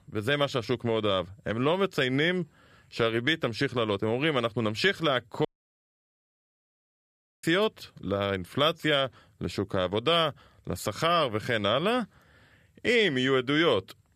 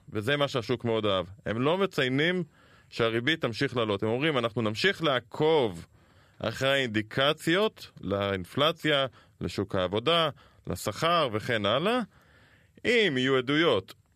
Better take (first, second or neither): second